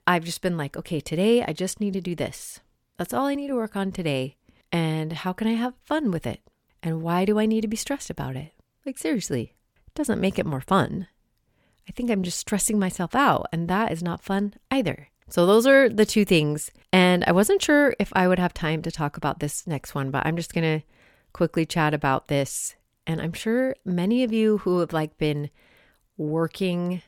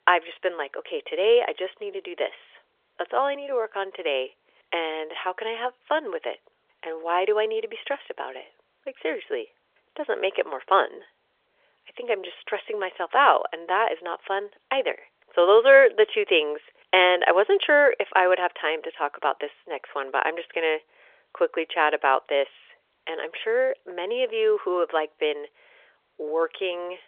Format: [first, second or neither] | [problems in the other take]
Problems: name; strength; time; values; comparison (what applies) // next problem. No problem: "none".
first | phone-call audio; nothing above 3.5 kHz